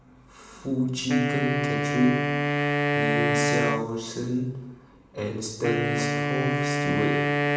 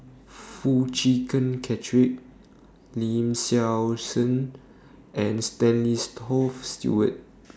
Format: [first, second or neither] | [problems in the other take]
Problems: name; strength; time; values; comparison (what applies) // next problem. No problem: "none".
second | background sound (Wind instrument, woodwind instrument); 2 dB above the speech // room echo; dies away in 0.9 s